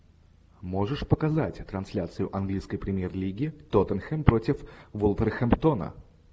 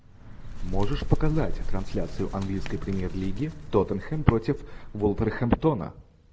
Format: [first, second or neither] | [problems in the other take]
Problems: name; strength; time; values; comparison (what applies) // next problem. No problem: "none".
first | background sound (Bird); 3 dB below the speech